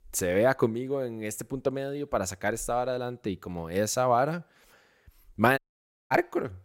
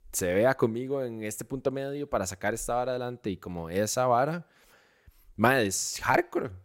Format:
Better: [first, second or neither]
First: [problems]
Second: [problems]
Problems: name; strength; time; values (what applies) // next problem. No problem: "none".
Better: second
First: audio cutting out; at 5.5 s for 0.5 s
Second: none